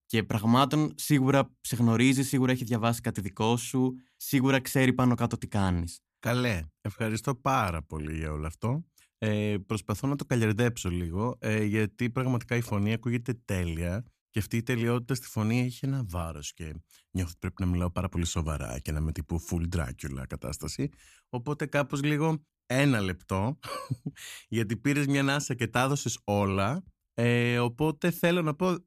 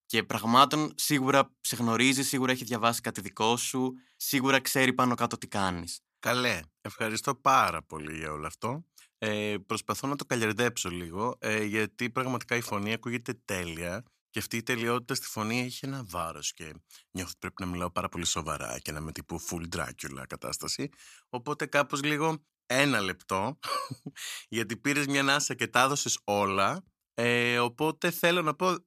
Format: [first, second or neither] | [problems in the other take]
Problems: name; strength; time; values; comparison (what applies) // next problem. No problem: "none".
first | thin; somewhat; fading below 500 Hz